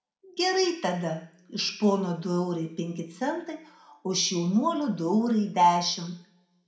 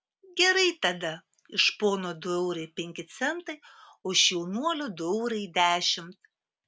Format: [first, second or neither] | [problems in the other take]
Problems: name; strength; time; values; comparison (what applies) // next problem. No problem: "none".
second | room echo; dies away in 0.5 s